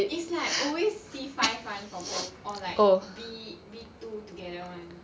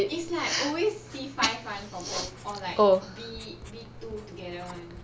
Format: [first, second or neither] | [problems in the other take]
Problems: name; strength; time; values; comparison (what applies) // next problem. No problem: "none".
first | background sound (Writing); 17 dB below the speech